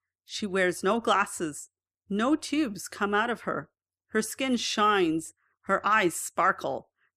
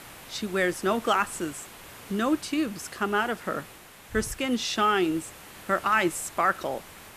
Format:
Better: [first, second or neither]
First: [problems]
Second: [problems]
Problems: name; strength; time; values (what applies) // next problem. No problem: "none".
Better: first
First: none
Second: hiss; noticeable; throughout; 15 dB below the speech